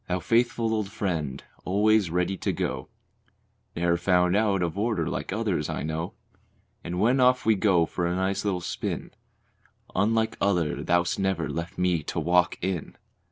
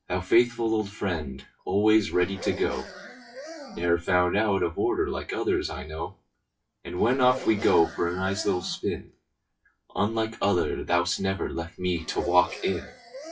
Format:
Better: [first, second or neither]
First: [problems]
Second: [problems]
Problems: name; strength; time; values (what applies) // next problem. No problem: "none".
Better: first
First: none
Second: noise reduction (classical method WPE with log-MMSE)